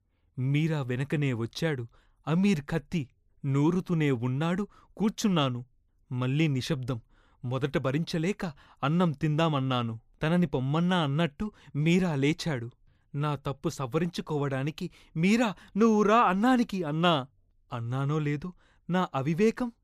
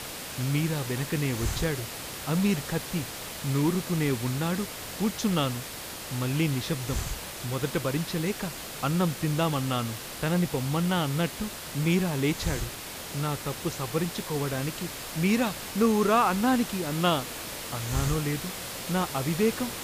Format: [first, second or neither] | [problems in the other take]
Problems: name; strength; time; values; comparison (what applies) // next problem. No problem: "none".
first | hiss; loud; throughout; 7 dB below the speech